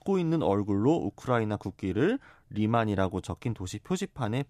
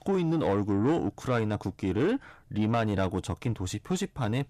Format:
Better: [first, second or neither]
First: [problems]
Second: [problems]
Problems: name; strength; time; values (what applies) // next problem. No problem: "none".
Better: first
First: none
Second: distortion; slight; 10 dB below the speech